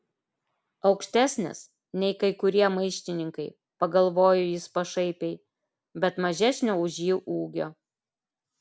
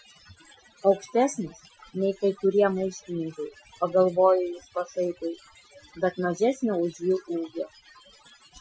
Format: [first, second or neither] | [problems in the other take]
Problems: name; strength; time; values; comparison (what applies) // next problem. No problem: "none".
first | noise reduction (classical method Wiener filter)